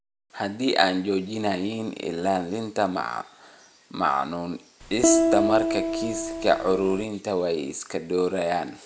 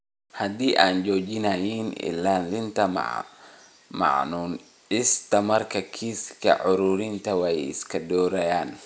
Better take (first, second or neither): second